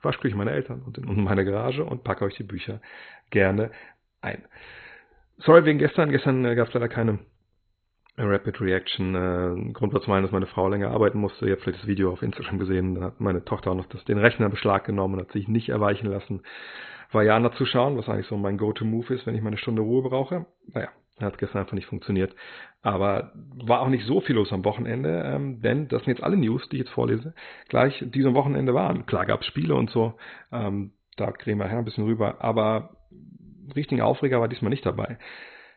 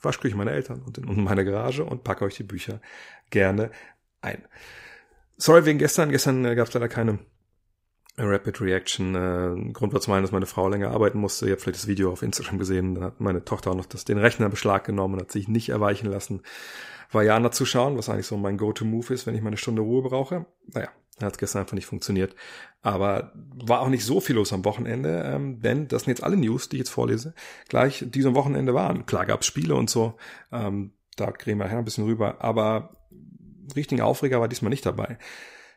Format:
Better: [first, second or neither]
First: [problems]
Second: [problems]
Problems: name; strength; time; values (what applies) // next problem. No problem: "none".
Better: second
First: garbled, watery; badly; nothing above 4 kHz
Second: none